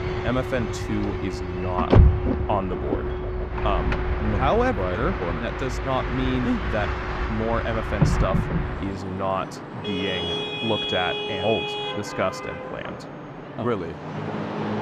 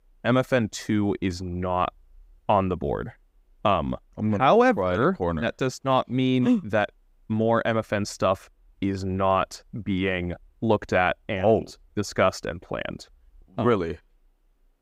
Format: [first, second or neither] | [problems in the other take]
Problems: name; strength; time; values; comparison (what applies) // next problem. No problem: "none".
second | traffic noise; very loud; throughout; 1 dB above the speech